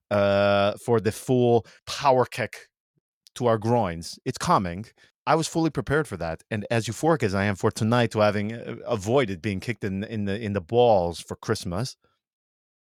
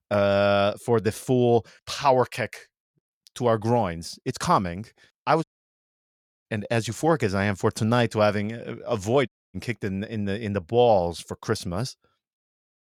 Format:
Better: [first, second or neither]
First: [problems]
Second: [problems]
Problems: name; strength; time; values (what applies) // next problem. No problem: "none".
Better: first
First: none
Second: audio cutting out; at 5.5 s for 1 s and at 9.5 s